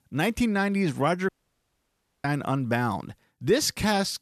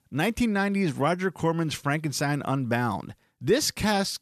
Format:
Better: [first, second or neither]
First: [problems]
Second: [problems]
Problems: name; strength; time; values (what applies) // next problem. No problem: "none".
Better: second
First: audio cutting out; at 1.5 s for 1 s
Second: none